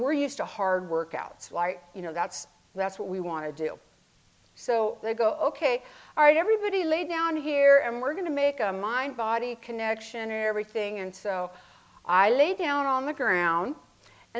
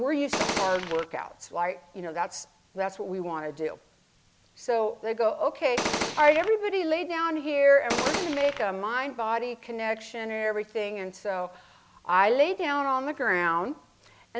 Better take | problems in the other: first | background sound (Gunshot, gunfire); 3 dB below the speech

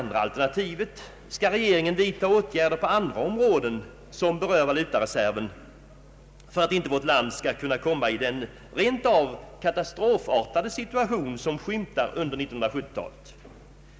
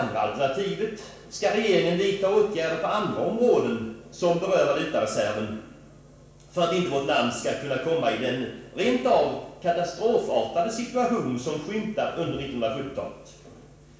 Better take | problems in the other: first | room echo; dies away in 0.7 s

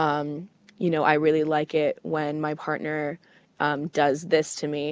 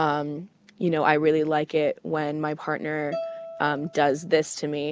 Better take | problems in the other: first | background sound (Bowed string instrument); 13 dB below the speech

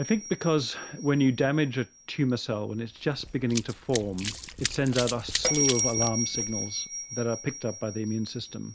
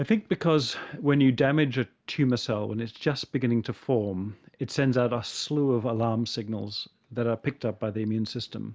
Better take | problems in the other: second | background sound (Run + Bell); 6 dB below the speech

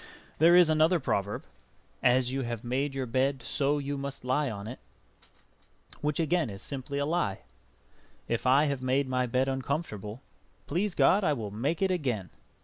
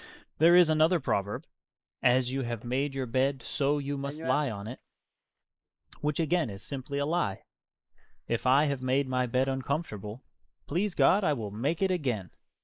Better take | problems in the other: first | noise reduction (neural mask model Resemble Enhance denoiser)

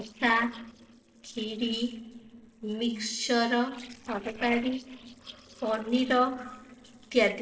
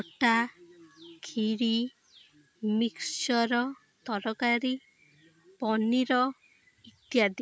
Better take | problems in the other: second | noise reduction (neural separator model SepFormer DNS4)

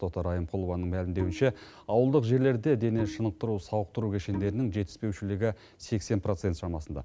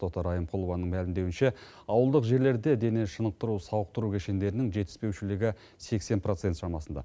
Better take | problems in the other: second | background sound (Bowed string instrument); 14 dB below the speech

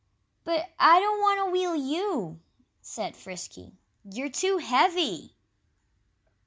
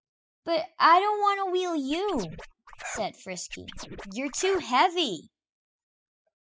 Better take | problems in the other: first | noise reduction (classical method spectral subtraction)

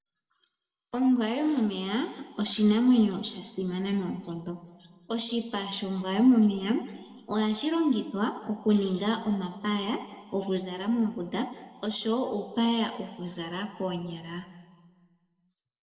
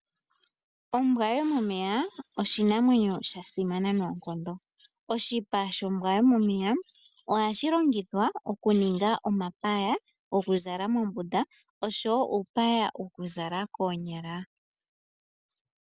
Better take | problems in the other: second | room echo; dies away in 1.4 s

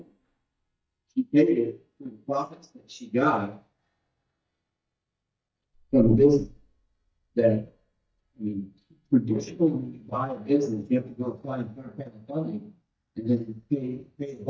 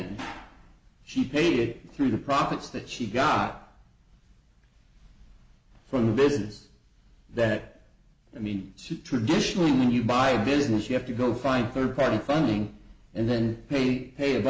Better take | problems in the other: second | noise reduction (neural mask model DeepFilterNet 3)

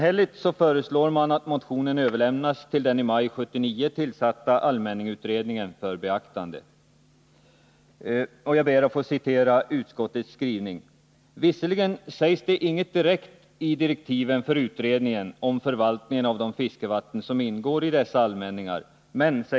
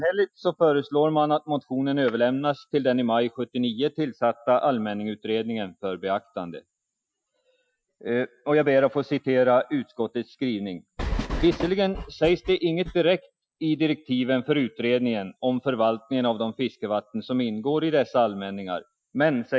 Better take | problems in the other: first | noise reduction (classical method Wiener filter)

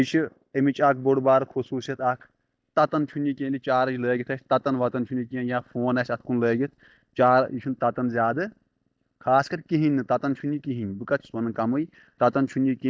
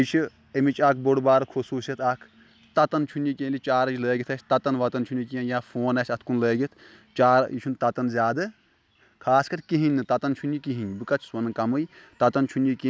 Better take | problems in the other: second | noise reduction (neural mask model DeepFilterNet 3)

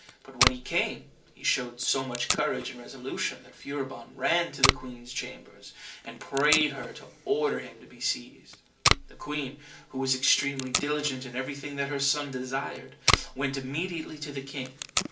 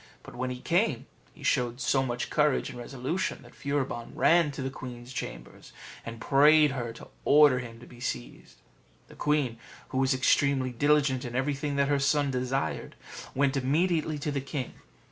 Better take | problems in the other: second | background sound (Packing tape, duct tape); 2 dB below the speech // room echo; dies away in 0.3 s

